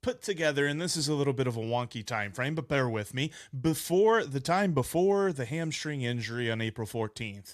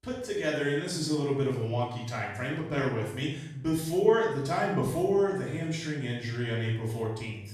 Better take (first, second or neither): first